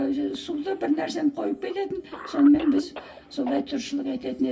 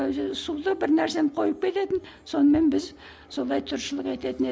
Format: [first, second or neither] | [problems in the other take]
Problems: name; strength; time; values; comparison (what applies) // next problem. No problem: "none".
second | background sound (Cough); 18 dB below the speech // room echo; dies away in 0.2 s